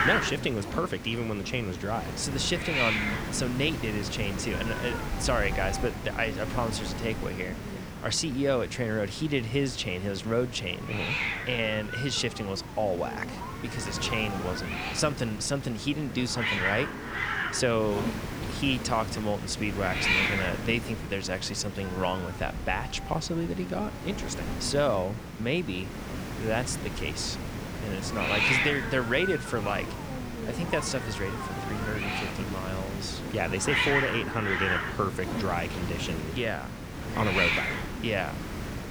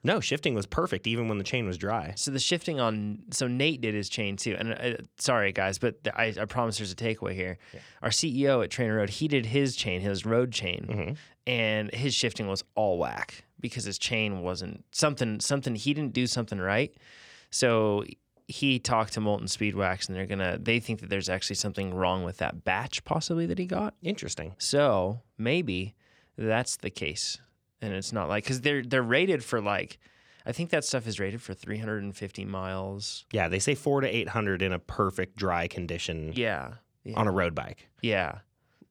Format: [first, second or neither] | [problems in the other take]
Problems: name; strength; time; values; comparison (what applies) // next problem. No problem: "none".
second | hiss; loud; throughout; 2 dB below the speech